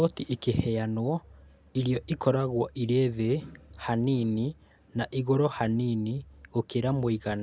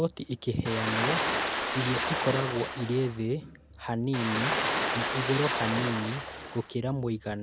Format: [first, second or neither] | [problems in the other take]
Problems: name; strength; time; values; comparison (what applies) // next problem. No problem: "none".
first | background sound (Ocean); as loud as the speech